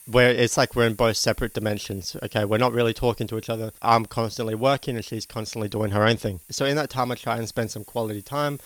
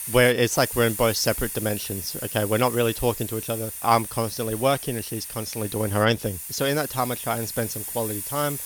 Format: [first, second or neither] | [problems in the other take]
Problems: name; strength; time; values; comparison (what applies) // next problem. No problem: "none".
first | hiss; loud; throughout; 7 dB below the speech; faint in the first